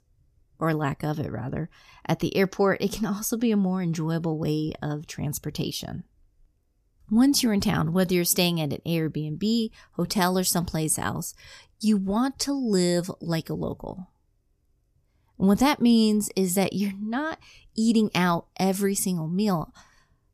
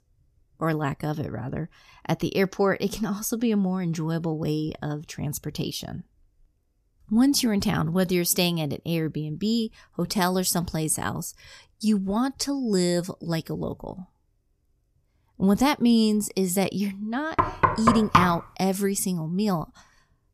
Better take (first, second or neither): first